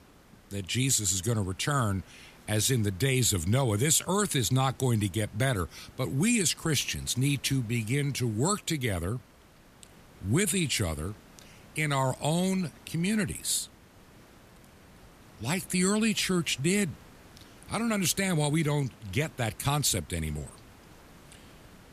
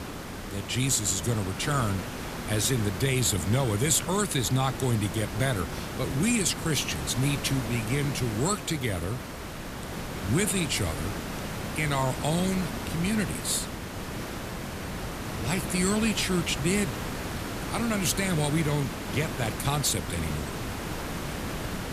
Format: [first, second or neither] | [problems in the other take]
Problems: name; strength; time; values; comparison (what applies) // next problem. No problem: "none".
first | hiss; loud; throughout; 7 dB below the speech; faint in the first